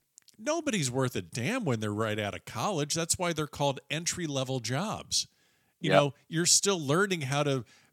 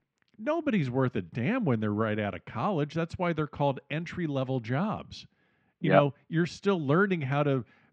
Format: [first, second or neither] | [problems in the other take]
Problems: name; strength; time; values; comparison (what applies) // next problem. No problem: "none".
first | muffled; very; fading above 2.5 kHz